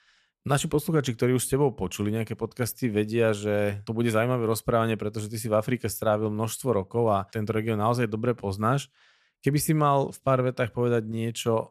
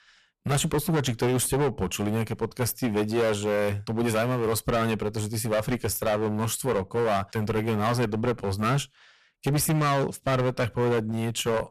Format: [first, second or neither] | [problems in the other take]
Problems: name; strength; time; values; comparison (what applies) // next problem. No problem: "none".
first | distortion; heavy; 17% of the sound clipped